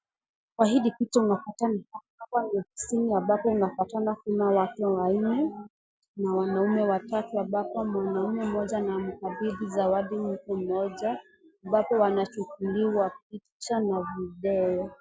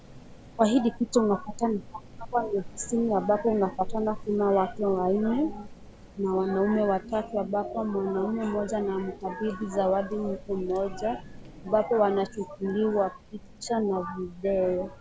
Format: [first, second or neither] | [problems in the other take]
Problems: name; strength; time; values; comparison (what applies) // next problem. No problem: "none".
first | background sound (Rain); 16 dB below the speech